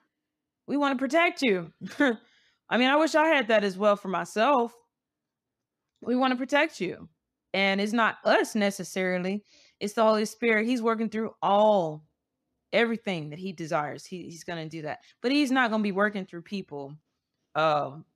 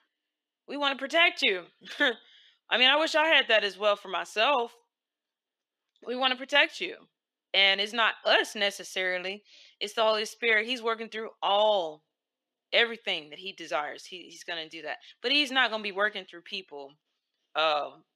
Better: first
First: none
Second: thin; somewhat; fading below 450 Hz

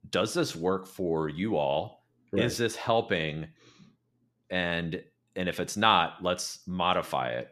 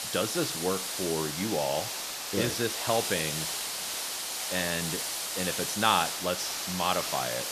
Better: first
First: none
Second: hiss; loud; throughout; 1 dB below the speech

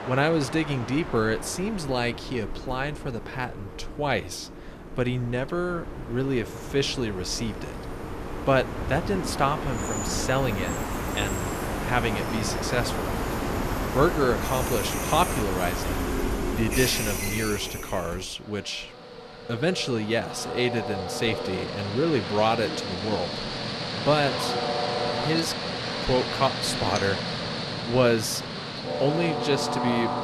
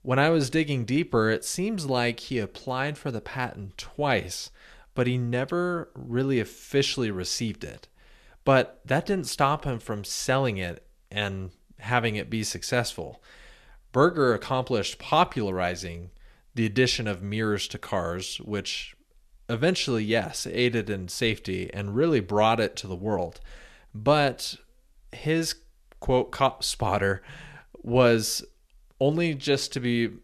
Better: second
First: train or aircraft noise; loud; throughout; 3 dB below the speech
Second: none

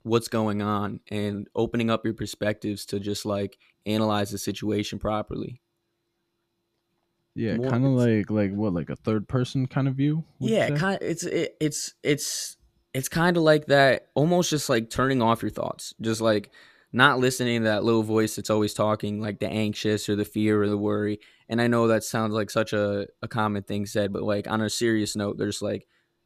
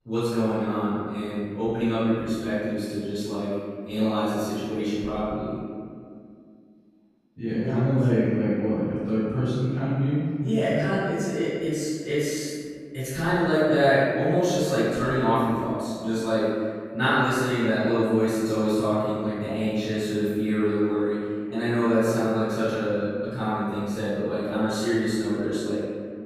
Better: first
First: none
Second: off-mic speech; far // room echo; strong; dies away in 2 s

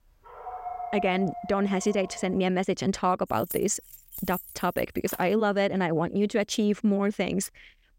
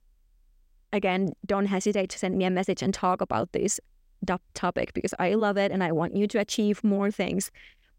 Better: second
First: dog barking; noticeable; until 2.5 s; peak 8 dB below the speech // jangling keys; faint; from 3.5 to 5 s; peak 10 dB below the speech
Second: none

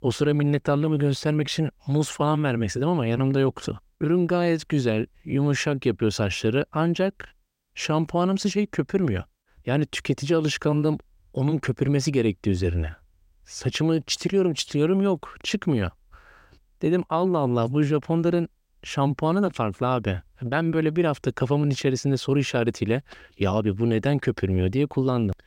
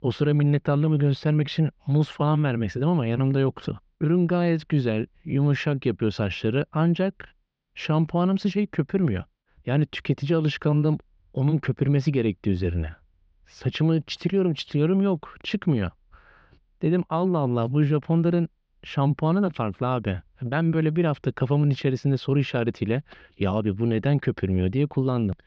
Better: first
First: none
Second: muffled; slightly; fading above 4 kHz

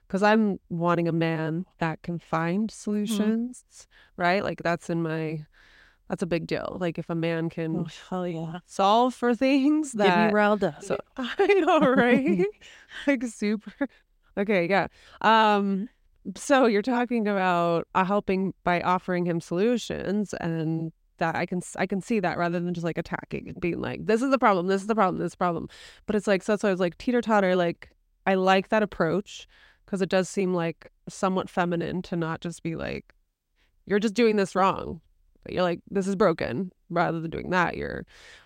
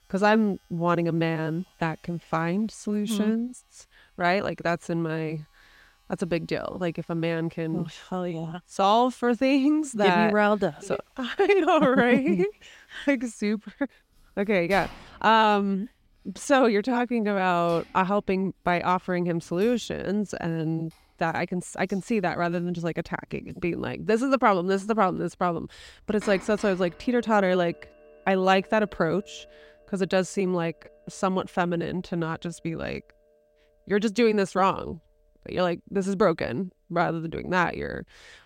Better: first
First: none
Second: household noises; faint; throughout; 25 dB below the speech

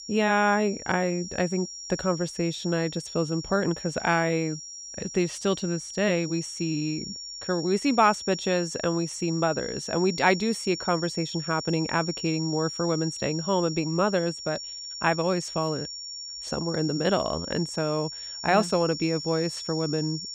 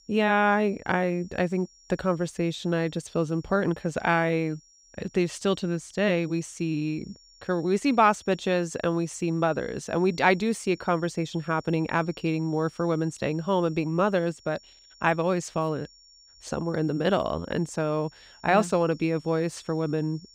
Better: second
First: high-pitched whine; loud; throughout; 5.5 kHz, 8 dB below the speech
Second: high-pitched whine; faint; throughout; 5.5 kHz, 25 dB below the speech

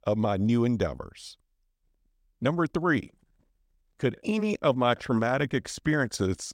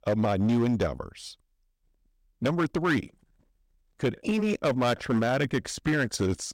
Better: first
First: none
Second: distortion; slight; 7% of the sound clipped

